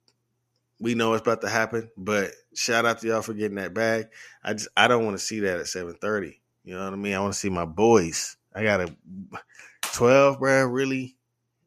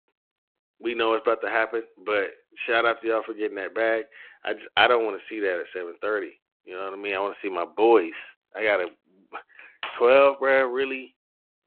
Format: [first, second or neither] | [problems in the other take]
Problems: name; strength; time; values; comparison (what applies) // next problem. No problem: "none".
first | phone-call audio